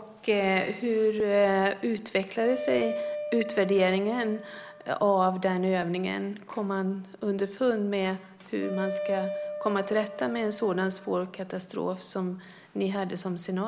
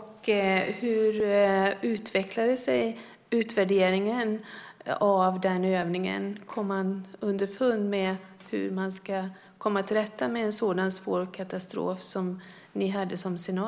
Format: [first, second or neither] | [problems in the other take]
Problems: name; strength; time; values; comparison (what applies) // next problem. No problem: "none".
second | background sound (Wind instrument, woodwind instrument); 9 dB below the speech